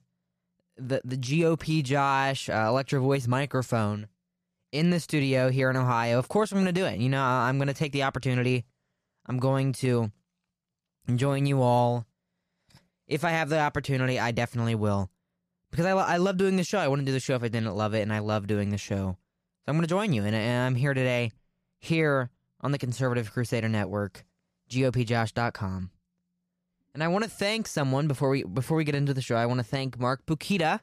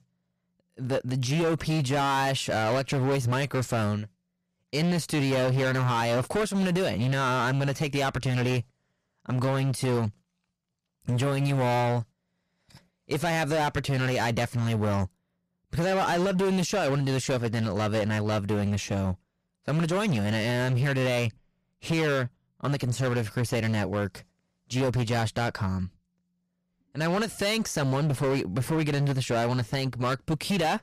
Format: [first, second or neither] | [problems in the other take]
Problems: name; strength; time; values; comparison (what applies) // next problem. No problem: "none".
first | distortion; heavy; 20% of the sound clipped